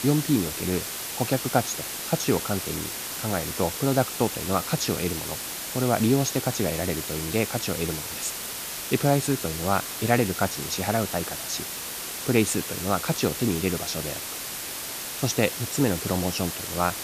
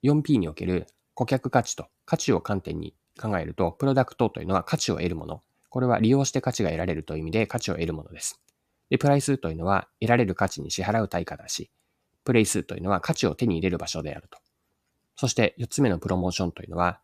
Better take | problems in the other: second | hiss; loud; throughout; 4 dB below the speech

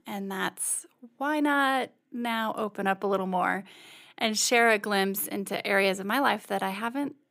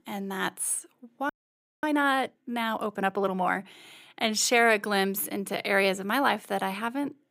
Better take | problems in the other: first | audio freezing; at 1.5 s for 0.5 s

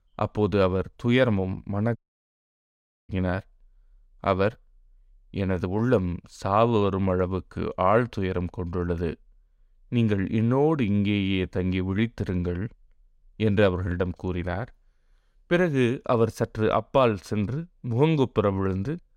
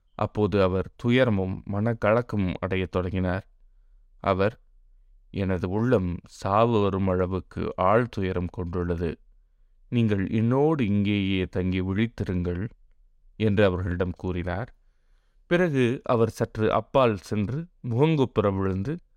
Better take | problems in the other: second | audio cutting out; at 2 s for 1 s

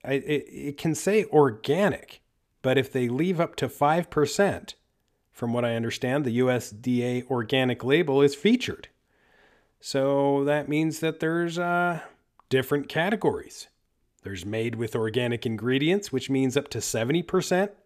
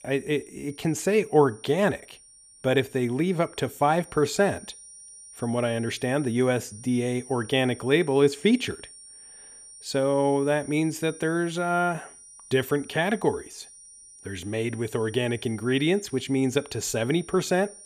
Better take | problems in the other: first | high-pitched whine; noticeable; throughout; 9 kHz, 20 dB below the speech

